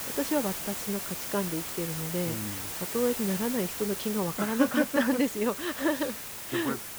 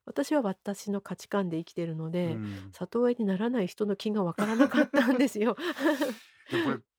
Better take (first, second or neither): second